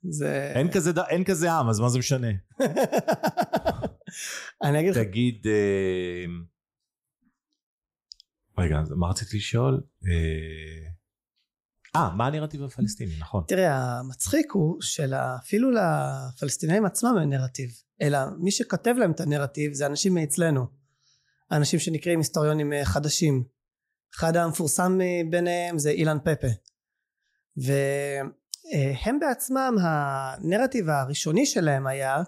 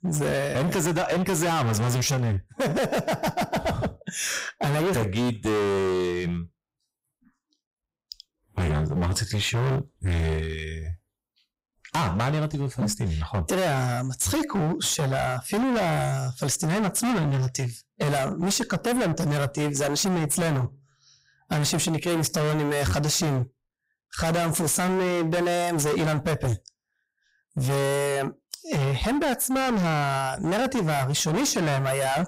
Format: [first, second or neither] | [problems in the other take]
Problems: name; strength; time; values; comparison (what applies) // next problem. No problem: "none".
first | distortion; heavy; 32% of the sound clipped